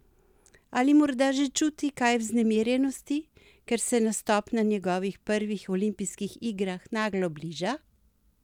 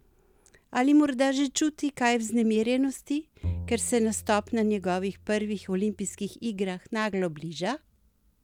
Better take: first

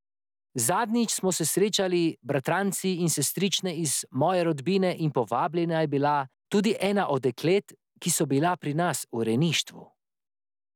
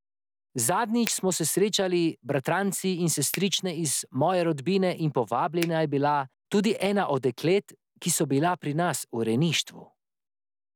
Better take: first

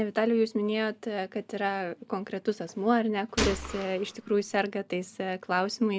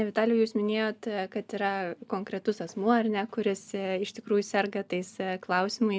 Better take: second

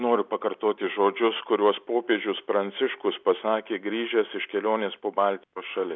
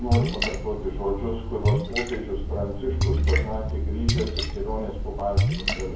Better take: first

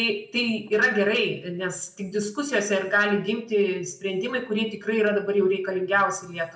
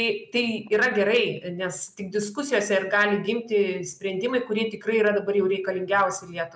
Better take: second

